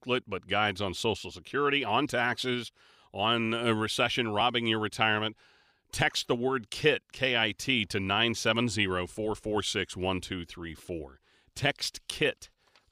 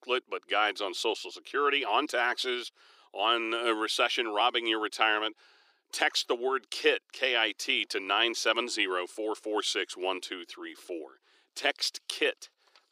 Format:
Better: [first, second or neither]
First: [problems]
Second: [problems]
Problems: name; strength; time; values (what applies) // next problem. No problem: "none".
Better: first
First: none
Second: thin; somewhat; fading below 300 Hz